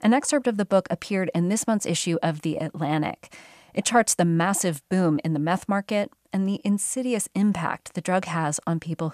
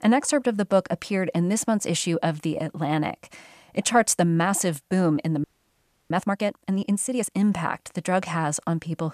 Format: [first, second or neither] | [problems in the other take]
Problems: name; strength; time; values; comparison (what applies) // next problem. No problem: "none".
first | audio freezing; at 5.5 s for 0.5 s